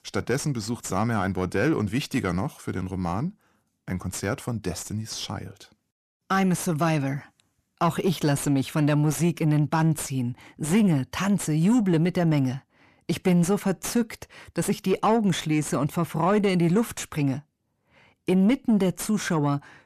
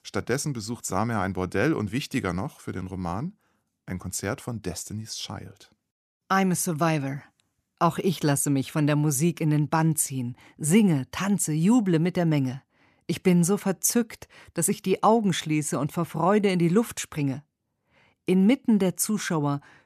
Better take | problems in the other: second | distortion; slight; 10 dB below the speech

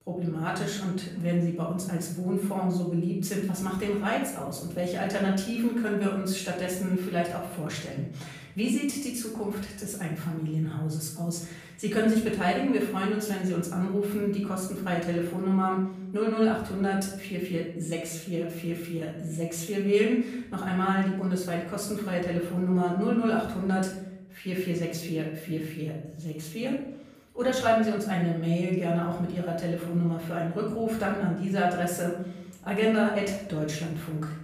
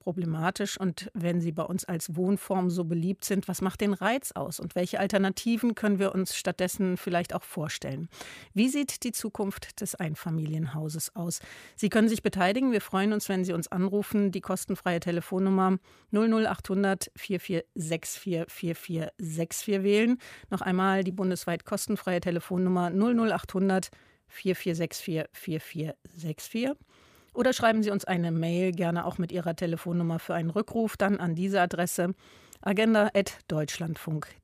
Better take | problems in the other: second | room echo; noticeable; dies away in 0.6 s // off-mic speech; far

